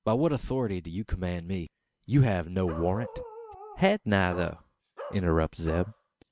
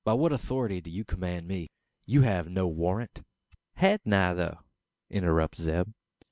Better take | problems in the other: second | background sound (Bark); 15 dB below the speech

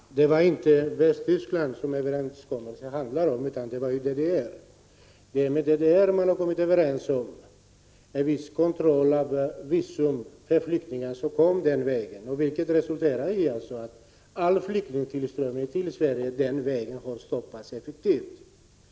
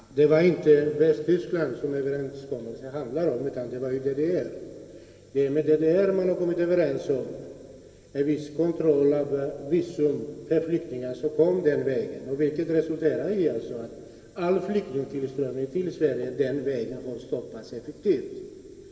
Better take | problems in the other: first | room echo; dies away in 2.3 s

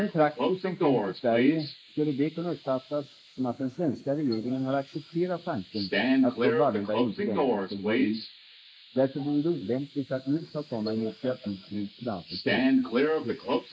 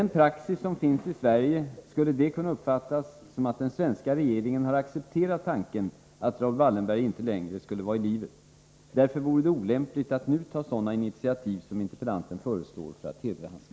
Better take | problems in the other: second | noise reduction (neural mask model Resemble Enhance denoiser)

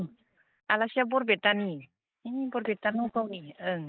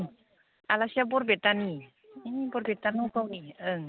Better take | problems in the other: second | noise reduction (neural mask model Resemble Enhance denoiser)

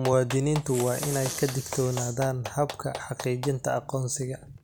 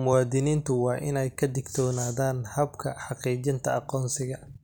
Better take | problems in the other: second | background sound (Respiratory sounds + Clapping); 11 dB below the speech

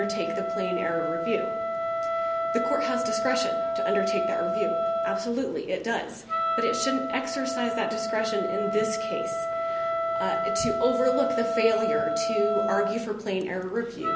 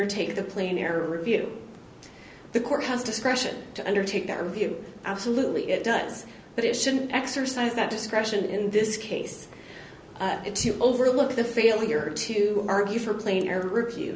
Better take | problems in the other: second | background sound (Wind instrument, woodwind instrument); 1 dB above the speech

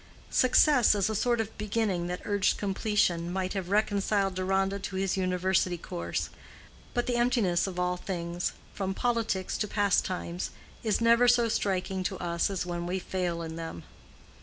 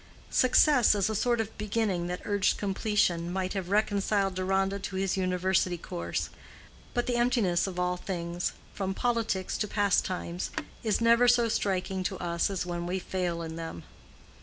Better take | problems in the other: first | background sound (Telephone); 14 dB below the speech

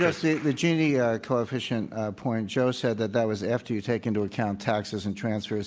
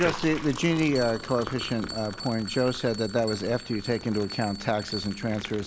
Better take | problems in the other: first | background sound (Bell + Liquid); 11 dB below the speech

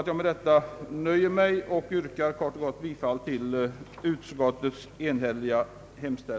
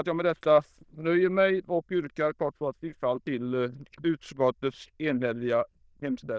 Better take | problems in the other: first | noise reduction (neural diffusion model UNIVERSE++)

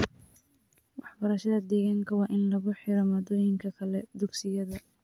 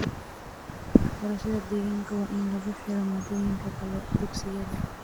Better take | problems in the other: first | background sound (Wind); as loud as the speech

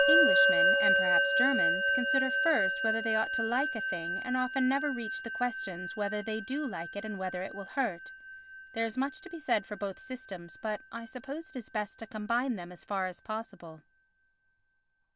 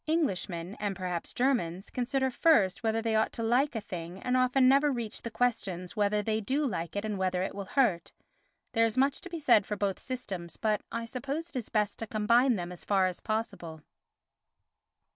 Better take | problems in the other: second | background sound (Musical instrument); 2 dB above the speech

